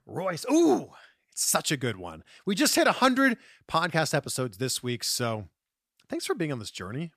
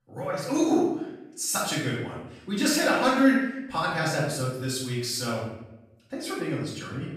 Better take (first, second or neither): first